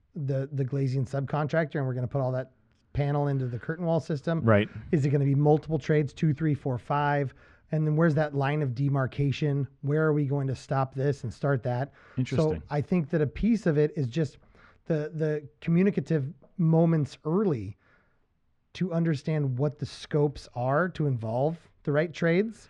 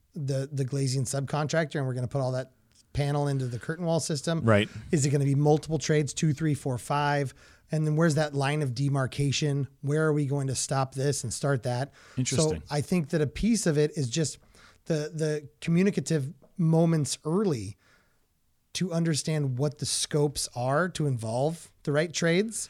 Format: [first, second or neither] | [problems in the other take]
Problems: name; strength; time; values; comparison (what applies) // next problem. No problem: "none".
second | muffled; very; fading above 2 kHz